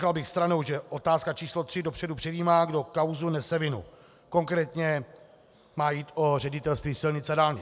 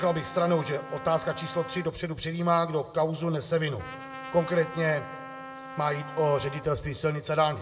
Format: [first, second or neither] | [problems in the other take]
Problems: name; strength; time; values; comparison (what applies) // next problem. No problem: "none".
first | background sound (Trumpet); 14 dB below the speech // room echo; dies away in 0.8 s